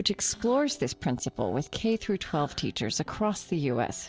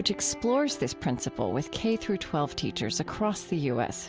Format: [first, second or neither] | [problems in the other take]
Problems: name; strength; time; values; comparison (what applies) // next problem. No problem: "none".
second | noise reduction (neural separator model SepFormer DNS4)